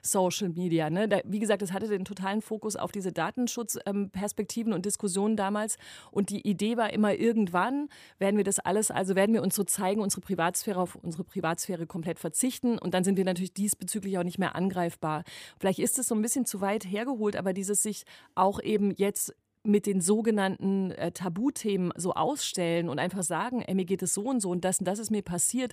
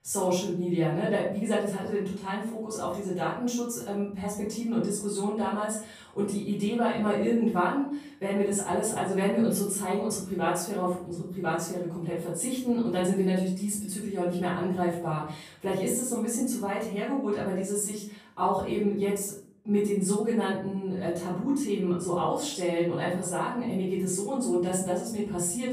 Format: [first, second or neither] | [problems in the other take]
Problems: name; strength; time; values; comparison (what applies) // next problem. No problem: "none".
first | off-mic speech; far // room echo; noticeable; dies away in 0.5 s